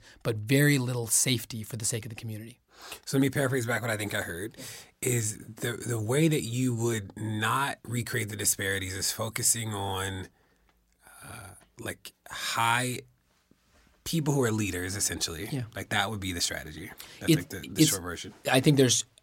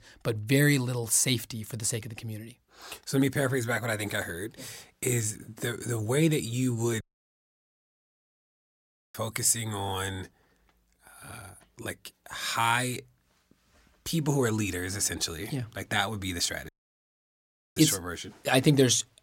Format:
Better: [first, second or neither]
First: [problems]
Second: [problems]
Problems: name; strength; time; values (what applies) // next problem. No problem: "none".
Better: first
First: none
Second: audio cutting out; at 7 s for 2 s and at 17 s for 1 s